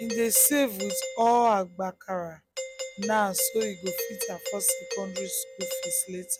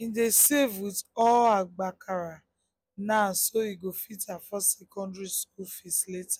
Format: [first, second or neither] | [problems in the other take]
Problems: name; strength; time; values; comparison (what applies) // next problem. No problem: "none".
second | background sound (Doorbell); 9 dB below the speech